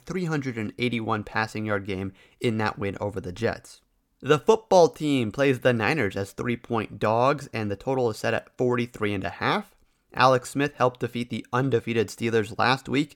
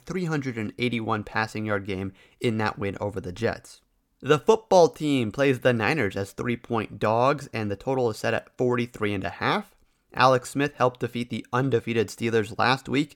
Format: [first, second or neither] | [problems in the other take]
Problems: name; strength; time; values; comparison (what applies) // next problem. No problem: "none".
neither | none